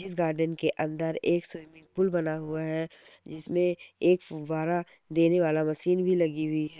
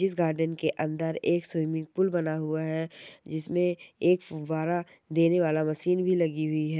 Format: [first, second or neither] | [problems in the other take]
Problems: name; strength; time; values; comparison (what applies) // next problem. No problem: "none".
second | noise reduction (neural separator model SepFormer WHAM!)